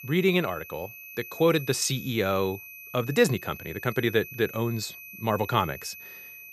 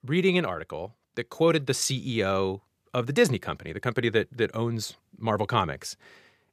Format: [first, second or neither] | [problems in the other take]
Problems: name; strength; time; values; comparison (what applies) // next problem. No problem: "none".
second | high-pitched whine; noticeable; throughout; 2.5 kHz, 15 dB below the speech